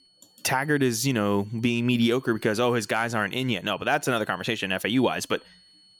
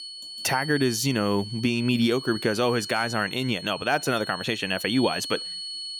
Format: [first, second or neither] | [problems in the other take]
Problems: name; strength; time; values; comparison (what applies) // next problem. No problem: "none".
first | high-pitched whine; loud; throughout; 4.5 kHz, 9 dB below the speech; faint in the first